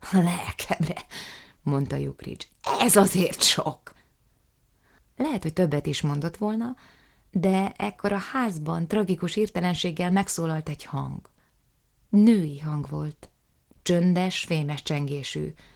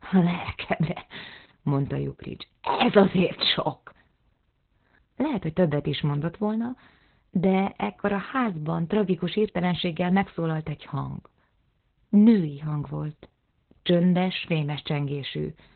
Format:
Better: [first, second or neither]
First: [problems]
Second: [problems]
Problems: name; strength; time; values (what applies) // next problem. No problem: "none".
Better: first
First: garbled, watery; slightly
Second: garbled, watery; badly; nothing above 4 kHz